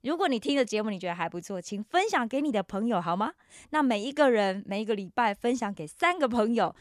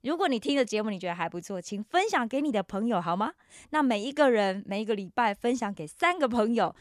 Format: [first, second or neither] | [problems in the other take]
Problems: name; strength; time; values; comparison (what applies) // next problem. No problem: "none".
neither | none